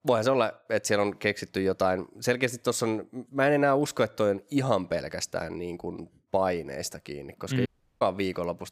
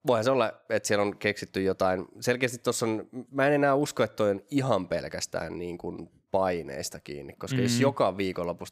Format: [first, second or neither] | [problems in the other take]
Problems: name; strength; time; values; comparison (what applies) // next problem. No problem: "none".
second | audio cutting out; at 7.5 s